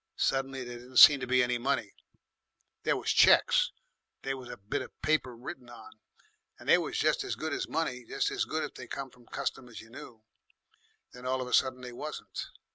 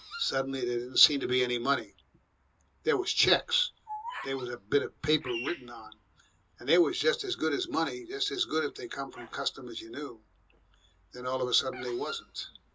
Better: first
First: none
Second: background sound (Bird vocalization, bird call, bird song); 17 dB below the speech // room echo; dies away in 0.2 s

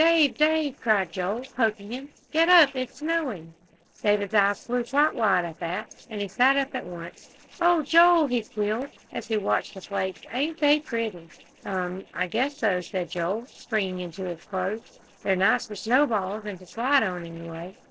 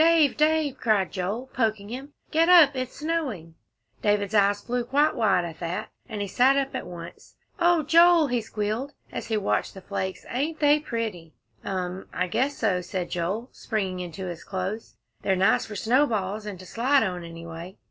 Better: second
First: noise reduction (neural separator model SepFormer DNS4)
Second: none

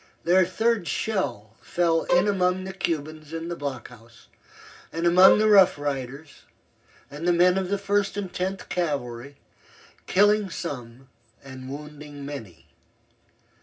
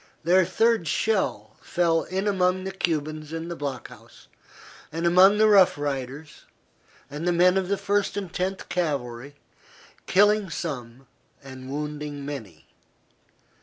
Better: second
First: background sound (Bowed string instrument); 3 dB below the speech // room echo; dies away in 0.4 s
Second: none

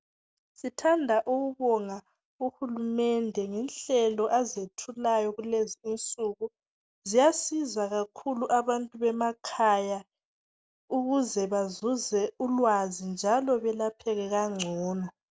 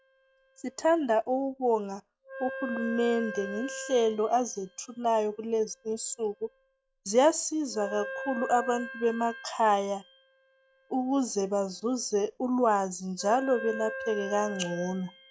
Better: first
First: none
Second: noise reduction (classical method log-MMSE)

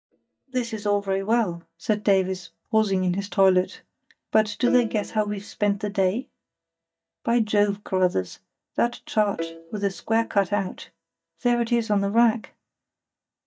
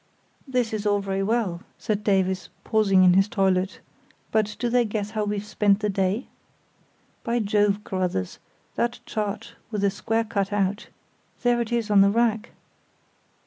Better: second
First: noise reduction (neural mask model DeepFilterNet 3)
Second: none

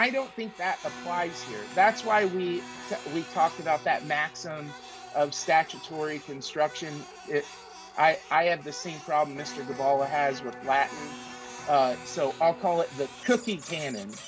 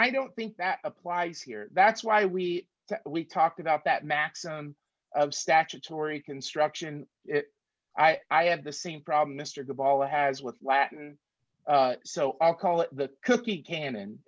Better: second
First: background sound (Printer + Electric guitar); 15 dB below the speech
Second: none

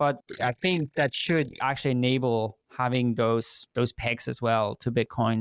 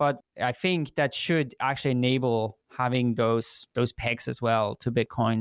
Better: second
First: noise reduction (neural mask model Resemble Enhance denoiser)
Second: none

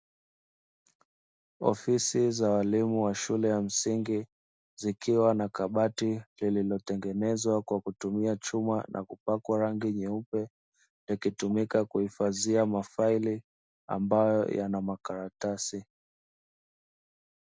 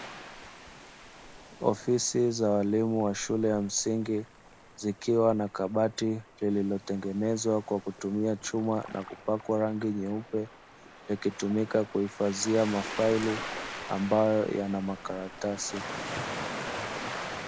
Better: first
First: none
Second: background sound (Waves, surf); 12 dB below the speech

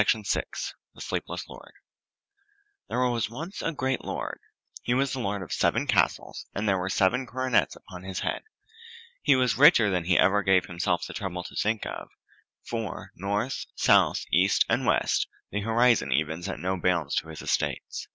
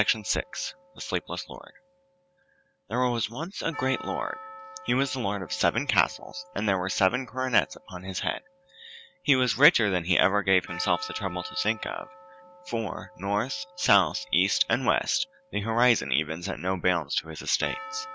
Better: first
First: none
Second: background sound (Percussion); 18 dB below the speech

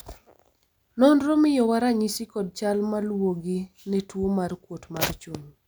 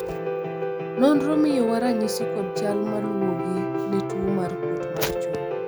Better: first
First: none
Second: background sound (Piano); 2 dB below the speech

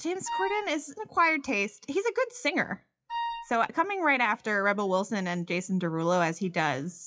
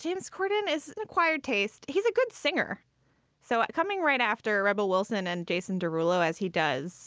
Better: second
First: noise reduction (classical method WPE with log-MMSE)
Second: none

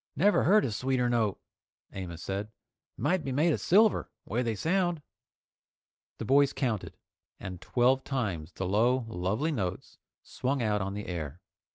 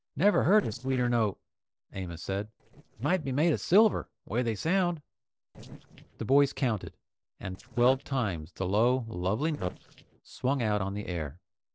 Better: first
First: none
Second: noise reduction (neural separator model SepFormer DNS4)

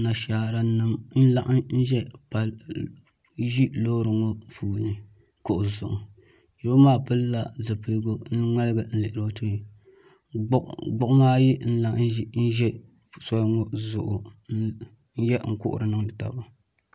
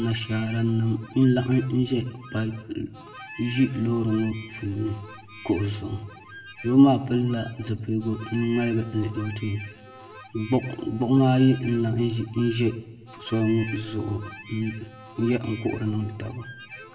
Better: first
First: none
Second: background sound (Harmonica); 19 dB below the speech // room echo; dies away in 1.1 s

